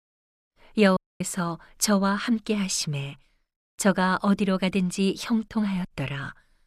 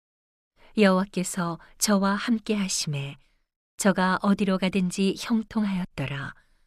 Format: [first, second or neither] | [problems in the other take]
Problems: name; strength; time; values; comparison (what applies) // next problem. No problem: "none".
second | audio cutting out; at 1 s